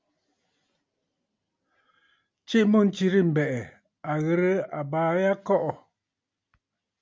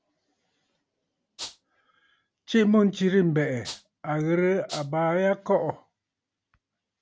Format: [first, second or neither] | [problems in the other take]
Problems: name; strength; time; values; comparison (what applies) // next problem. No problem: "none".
first | background sound (Rattle (instrument)); 13 dB below the speech